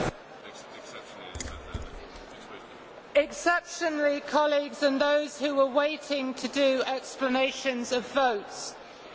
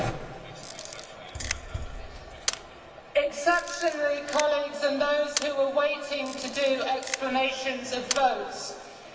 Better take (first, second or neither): first